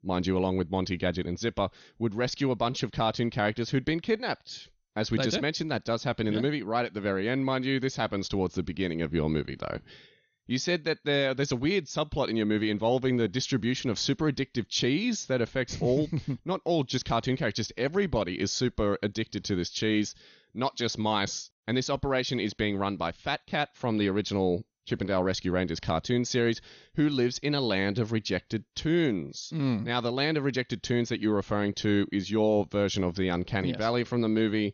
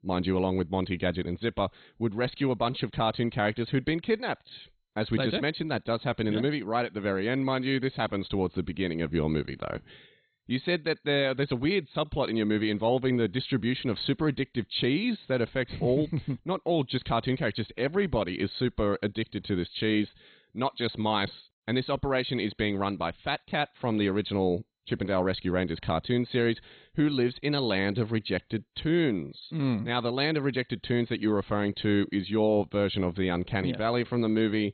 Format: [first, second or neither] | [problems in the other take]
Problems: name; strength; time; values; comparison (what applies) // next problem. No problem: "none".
first | garbled, watery; badly; nothing above 4 kHz; slightly in the first